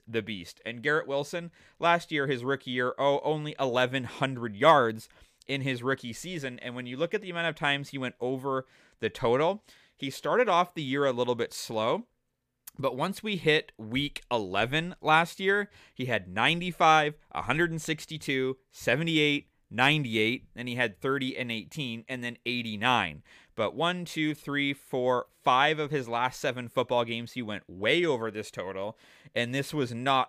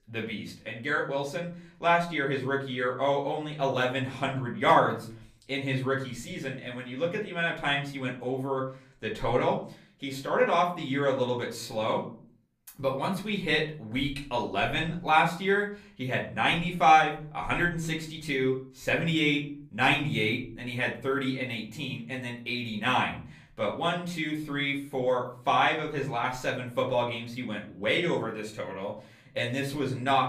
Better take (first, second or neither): first